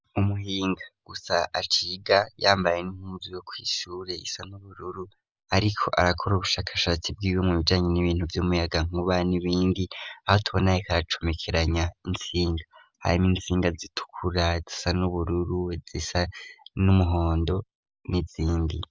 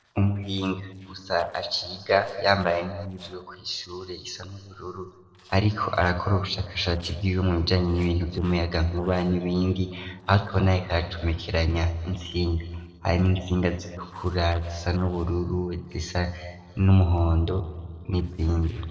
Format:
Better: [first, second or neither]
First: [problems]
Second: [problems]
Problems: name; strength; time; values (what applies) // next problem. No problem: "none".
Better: first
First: none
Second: noise reduction (neural separator model SepFormer DNS4)